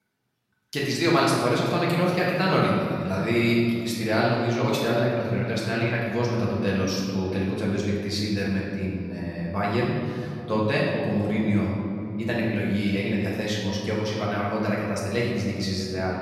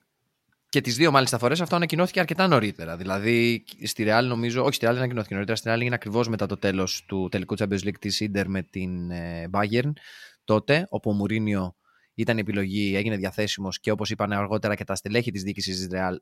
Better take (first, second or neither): second